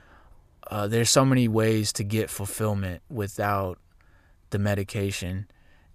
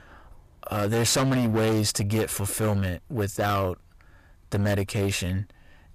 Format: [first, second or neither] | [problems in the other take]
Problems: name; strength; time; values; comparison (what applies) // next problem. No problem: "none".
first | distortion; heavy; 15% of the sound clipped